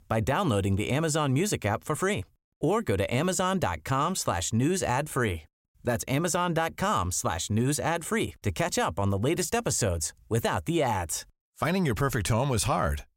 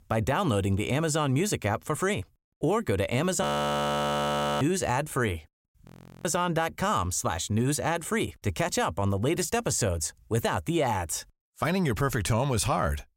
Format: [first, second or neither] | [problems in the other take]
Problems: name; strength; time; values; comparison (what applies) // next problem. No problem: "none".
first | audio freezing; at 3.5 s for 1 s and at 6 s